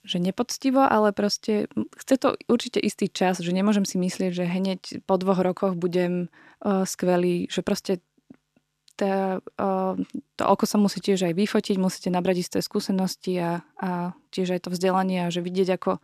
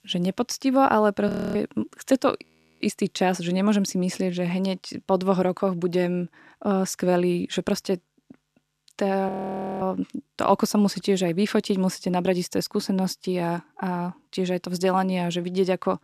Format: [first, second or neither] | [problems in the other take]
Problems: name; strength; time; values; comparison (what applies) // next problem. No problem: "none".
first | audio freezing; at 1.5 s, at 2.5 s and at 9.5 s for 0.5 s